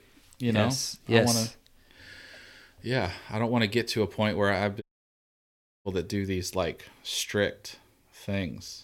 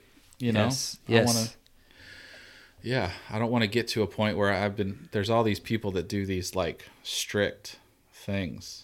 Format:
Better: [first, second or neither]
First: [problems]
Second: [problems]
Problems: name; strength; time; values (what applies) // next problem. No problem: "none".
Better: second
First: audio cutting out; at 5 s for 1 s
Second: none